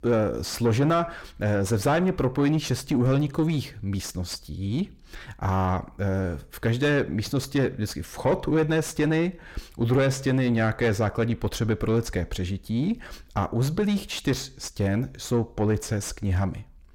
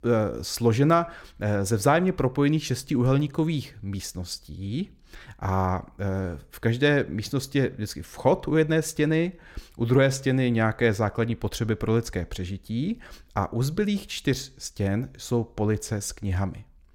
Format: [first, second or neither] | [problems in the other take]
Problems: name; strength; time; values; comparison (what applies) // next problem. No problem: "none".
second | distortion; slight; 9 dB below the speech